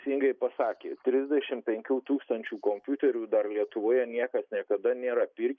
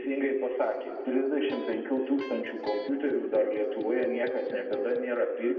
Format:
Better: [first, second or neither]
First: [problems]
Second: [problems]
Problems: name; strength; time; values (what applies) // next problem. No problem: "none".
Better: first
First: none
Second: background sound (Electric guitar); 16 dB below the speech // room echo; dies away in 2 s